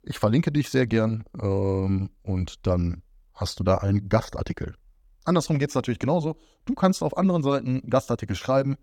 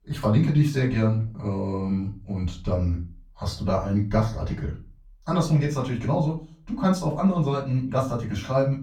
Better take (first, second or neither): first